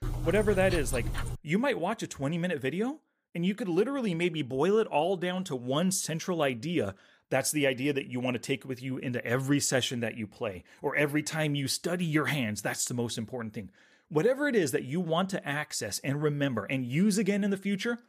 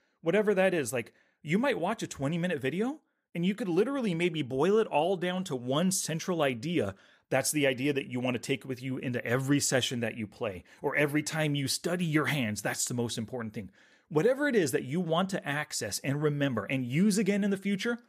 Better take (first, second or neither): second